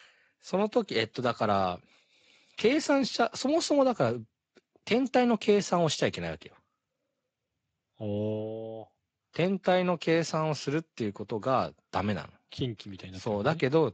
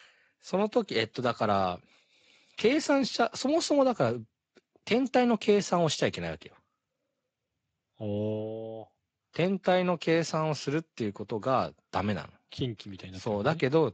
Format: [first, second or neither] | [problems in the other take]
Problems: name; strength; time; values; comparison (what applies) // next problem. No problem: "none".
neither | garbled, watery; slightly; nothing above 7.5 kHz; the same in both